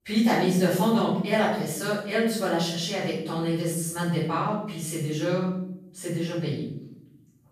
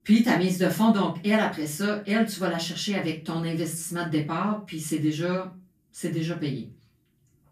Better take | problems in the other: second | room echo; strong; dies away in 0.7 s; slight in the second // off-mic speech; far; far in the second

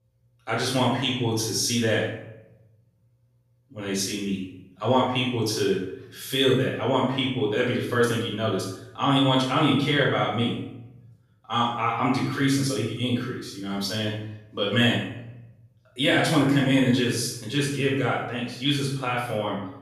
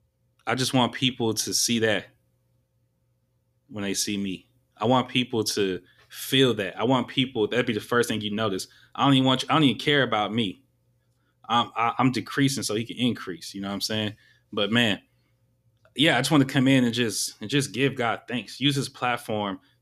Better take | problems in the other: second | room echo; noticeable; dies away in 0.8 s // off-mic speech; far

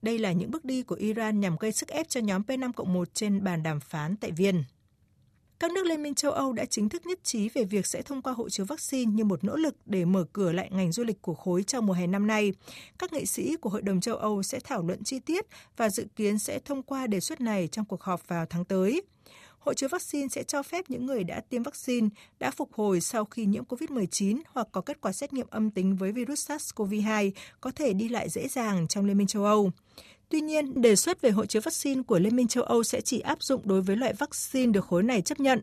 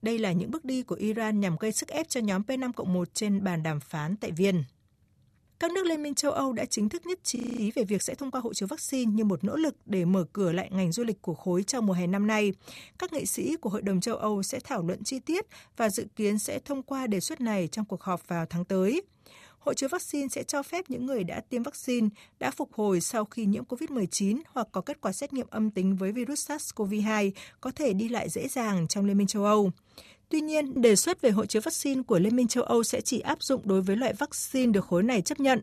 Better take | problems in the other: first | audio freezing; at 7.5 s

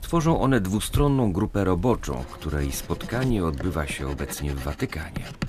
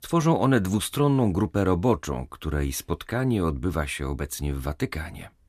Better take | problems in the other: second | household noises; noticeable; throughout; 10 dB below the speech

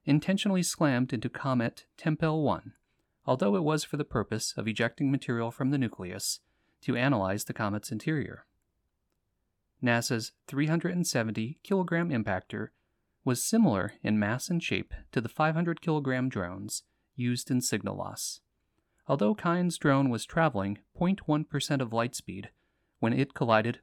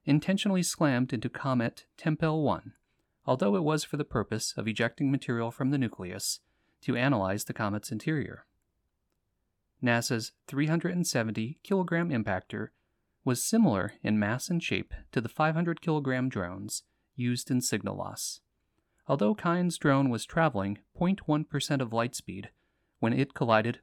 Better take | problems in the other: neither | none

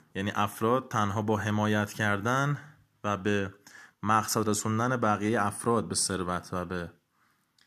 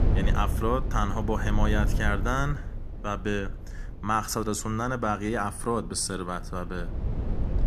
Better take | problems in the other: first | low rumble; noticeable; throughout; 15 dB below the speech

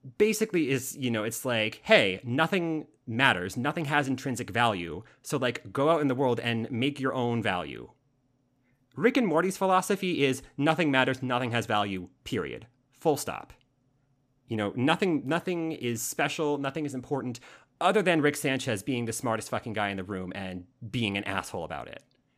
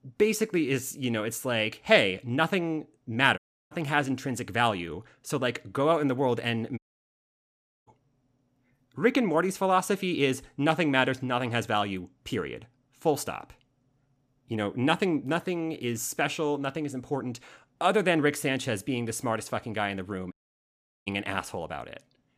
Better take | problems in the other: first | audio cutting out; at 3.5 s, at 7 s for 1 s and at 20 s for 0.5 s

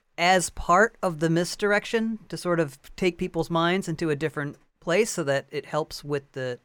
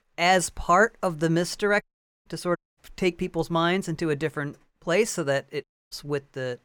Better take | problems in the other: first | audio cutting out; at 2 s, at 2.5 s and at 5.5 s

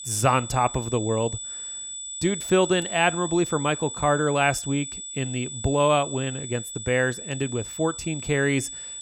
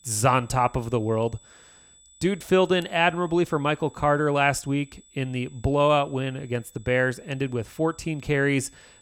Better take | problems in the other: second | high-pitched whine; loud; throughout; 8 kHz, 8 dB below the speech; faint in the second

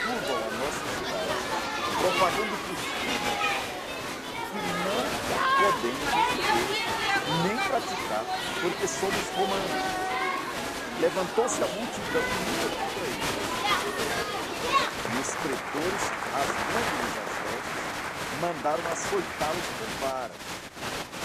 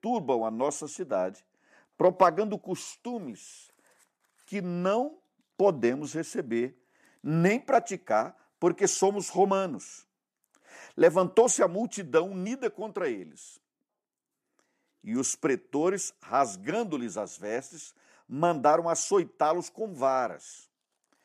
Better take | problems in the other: second | crowd noise; very loud; throughout; 4 dB above the speech

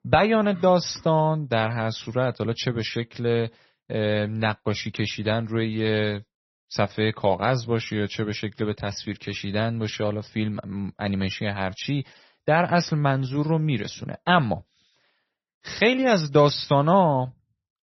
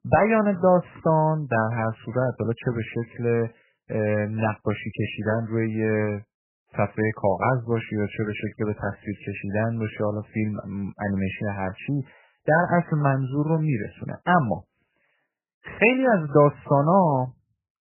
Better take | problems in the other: first | garbled, watery; badly; nothing above 3 kHz; slightly in the first

